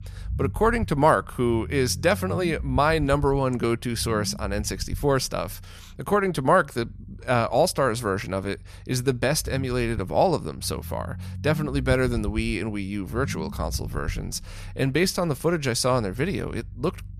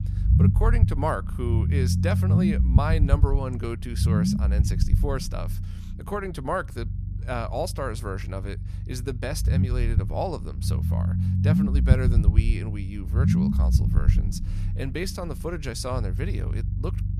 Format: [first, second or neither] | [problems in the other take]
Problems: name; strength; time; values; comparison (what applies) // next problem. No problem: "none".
first | low rumble; loud; throughout; 3 dB below the speech; faint in the first